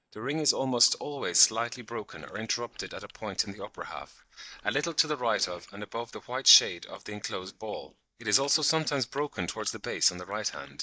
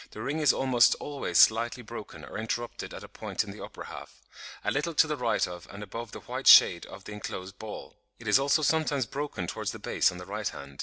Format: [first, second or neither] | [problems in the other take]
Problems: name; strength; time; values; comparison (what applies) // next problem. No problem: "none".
second | noise reduction (neural mask model DeepFilterNet 3)